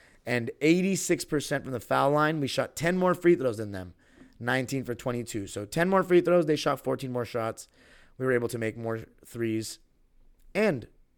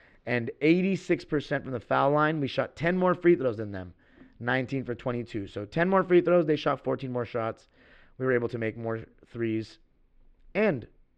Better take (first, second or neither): first